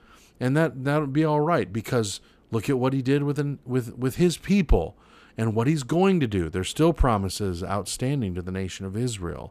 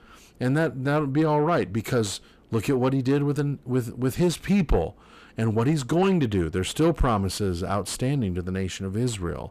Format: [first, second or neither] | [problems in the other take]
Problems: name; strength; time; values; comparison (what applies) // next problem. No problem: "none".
first | distortion; slight; 10 dB below the speech